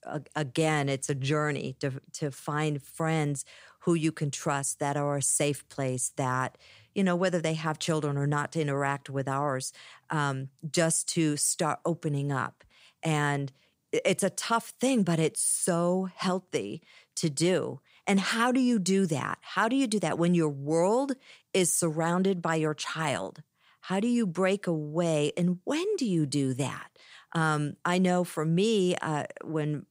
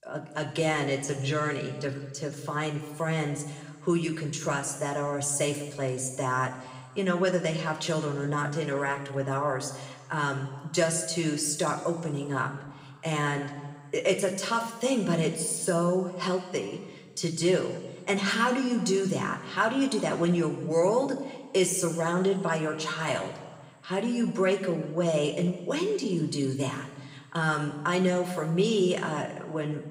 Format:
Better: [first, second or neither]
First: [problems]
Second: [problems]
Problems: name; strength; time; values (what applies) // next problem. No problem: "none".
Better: first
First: none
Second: room echo; slight; dies away in 1.3 s // off-mic speech; somewhat distant